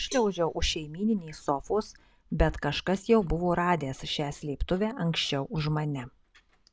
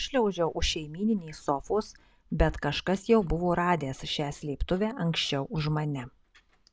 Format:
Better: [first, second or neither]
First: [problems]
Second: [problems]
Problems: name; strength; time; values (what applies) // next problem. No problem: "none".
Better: second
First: background sound (Cowbell); 20 dB below the speech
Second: none